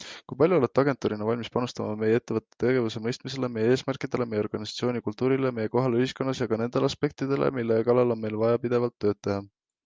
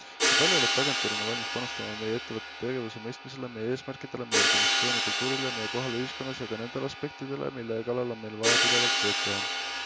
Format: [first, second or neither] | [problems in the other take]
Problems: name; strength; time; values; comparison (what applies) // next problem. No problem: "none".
first | background sound (Hi-hat); 5 dB above the speech